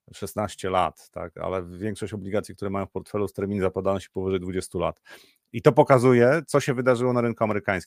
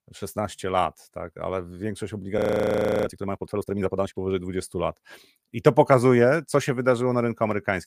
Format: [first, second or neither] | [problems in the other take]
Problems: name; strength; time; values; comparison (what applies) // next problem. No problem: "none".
first | audio freezing; at 2.5 s for 0.5 s